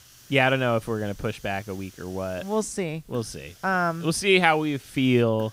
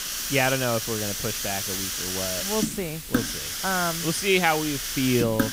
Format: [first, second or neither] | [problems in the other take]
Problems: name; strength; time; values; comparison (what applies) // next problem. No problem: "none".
first | hiss; loud; throughout; 1 dB below the speech; faint in the first